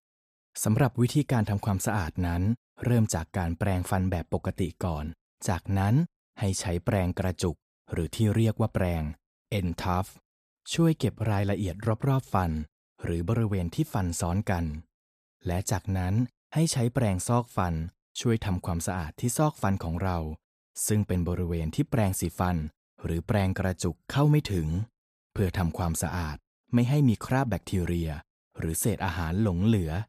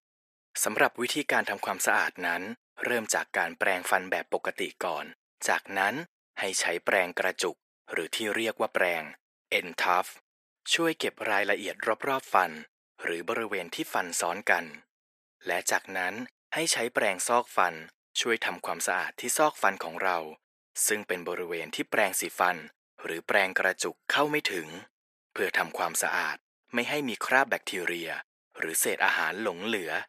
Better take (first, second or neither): first